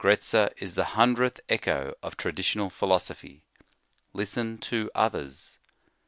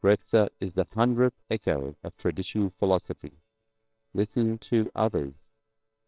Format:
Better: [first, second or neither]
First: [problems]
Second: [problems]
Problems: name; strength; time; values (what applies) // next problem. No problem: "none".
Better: first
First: none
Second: noise reduction (neural separator model SepFormer WHAMR!)